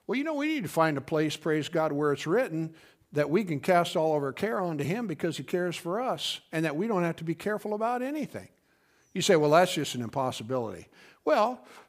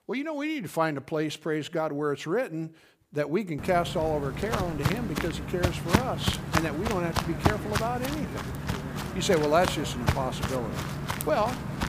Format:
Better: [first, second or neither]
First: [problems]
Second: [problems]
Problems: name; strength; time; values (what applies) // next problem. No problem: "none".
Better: first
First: none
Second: footsteps; loud; from 3.5 s on; peak 4 dB above the speech